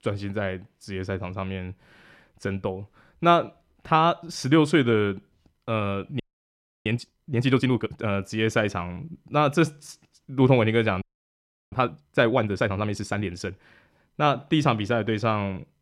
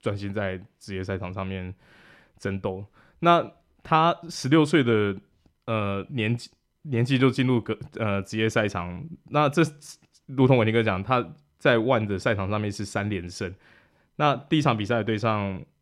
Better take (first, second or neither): second